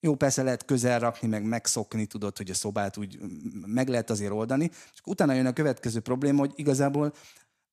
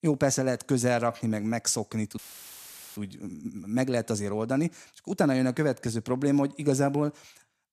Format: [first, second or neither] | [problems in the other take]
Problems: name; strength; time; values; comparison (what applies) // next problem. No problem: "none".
first | audio cutting out; filled with static; at 2 s for 1 s